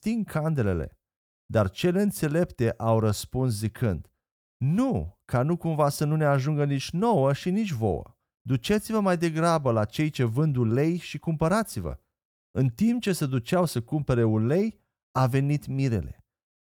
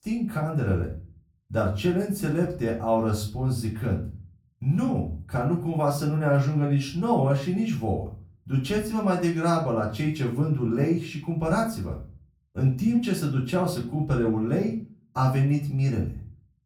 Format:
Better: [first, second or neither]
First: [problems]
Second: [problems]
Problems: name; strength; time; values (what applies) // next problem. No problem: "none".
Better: first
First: none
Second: room echo; slight; dies away in 0.4 s // off-mic speech; far